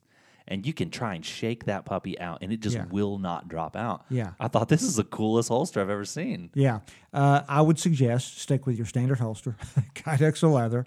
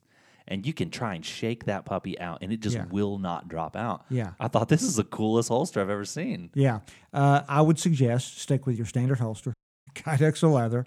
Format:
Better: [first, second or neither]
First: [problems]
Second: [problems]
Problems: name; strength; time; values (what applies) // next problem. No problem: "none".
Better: first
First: none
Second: audio cutting out; at 9.5 s